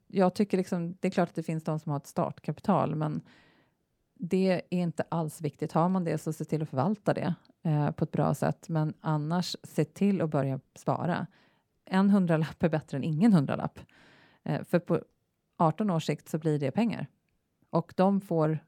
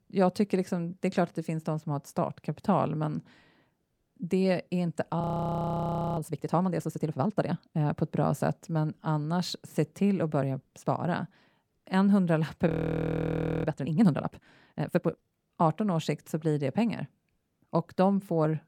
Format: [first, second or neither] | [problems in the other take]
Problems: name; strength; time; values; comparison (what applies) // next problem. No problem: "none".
first | audio freezing; at 5 s for 1 s and at 13 s for 1 s